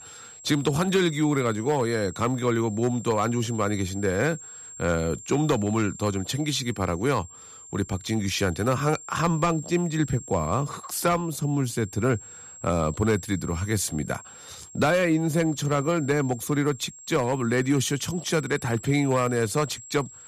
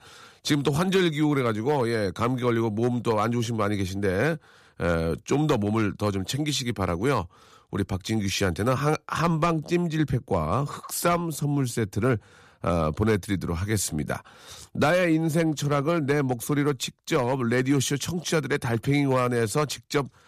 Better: second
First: high-pitched whine; noticeable; throughout; 7.5 kHz, 15 dB below the speech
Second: none

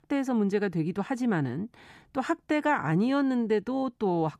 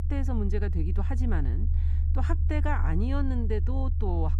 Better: first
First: none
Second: low rumble; noticeable; throughout; 10 dB below the speech

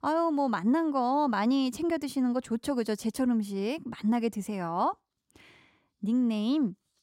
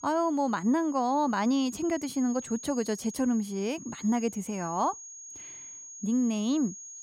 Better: first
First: none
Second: high-pitched whine; noticeable; throughout; 6.5 kHz, 15 dB below the speech

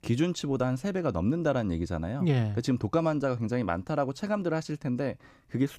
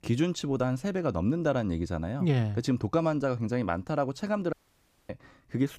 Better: first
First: none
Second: audio cutting out; at 4.5 s for 0.5 s

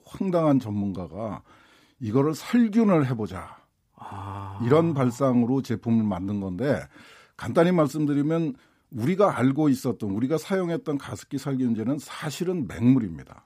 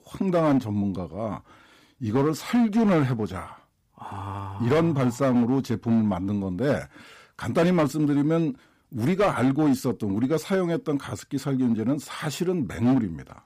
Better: first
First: none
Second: distortion; slight; 6% of the sound clipped

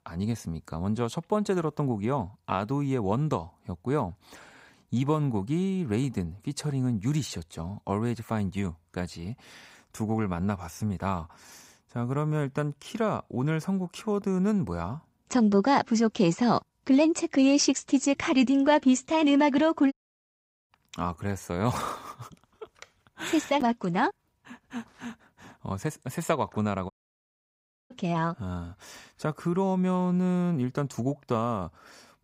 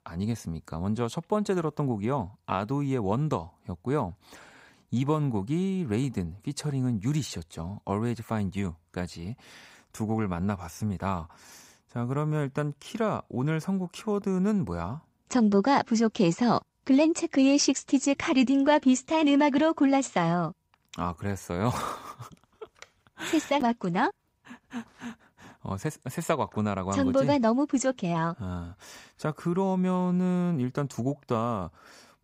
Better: second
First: audio cutting out; at 20 s for 1 s and at 27 s for 1 s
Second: none

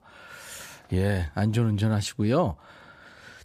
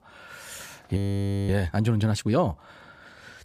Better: first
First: none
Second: audio freezing; at 1 s for 0.5 s

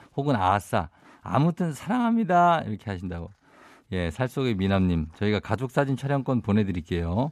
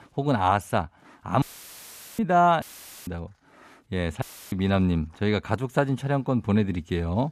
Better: first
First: none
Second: audio cutting out; filled with static; at 1.5 s for 1 s, at 2.5 s and at 4 s

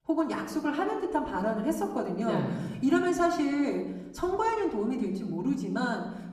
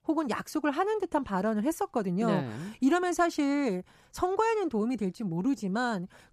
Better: second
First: off-mic speech; far // room echo; slight; dies away in 1.1 s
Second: none

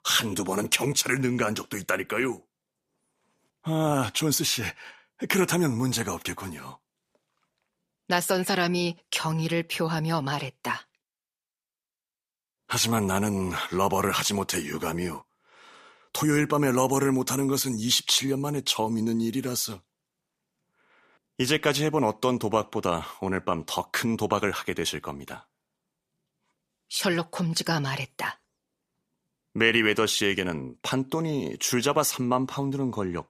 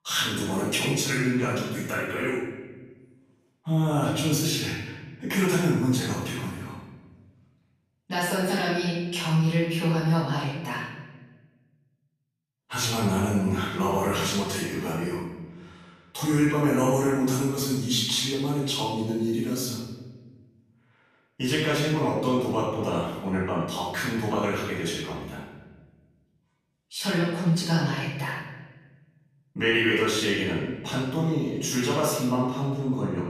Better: first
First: none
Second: off-mic speech; far // room echo; strong; dies away in 1.3 s

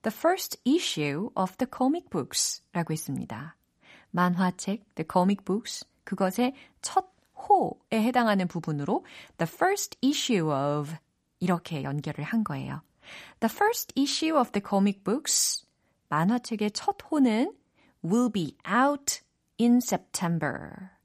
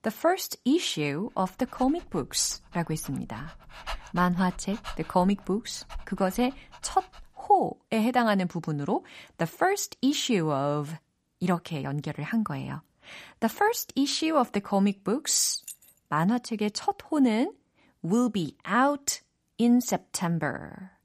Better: first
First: none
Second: dog barking; faint; from 1.5 to 7.5 s; peak 10 dB below the speech // jangling keys; faint; at 16 s; peak 15 dB below the speech

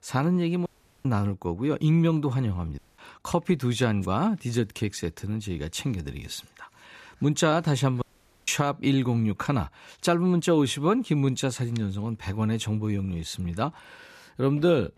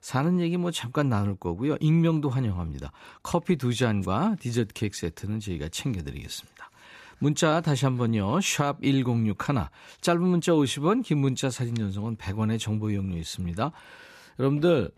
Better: second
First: audio cutting out; at 0.5 s, at 3 s and at 8 s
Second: none

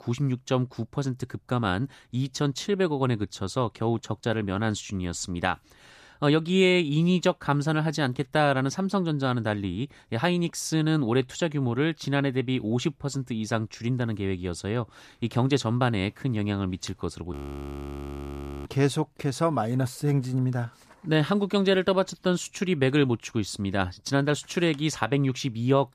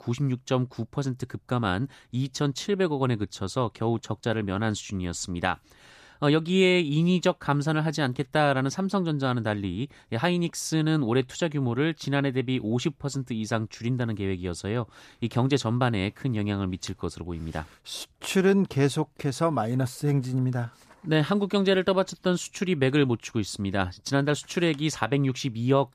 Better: second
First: audio freezing; at 17 s for 1.5 s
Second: none

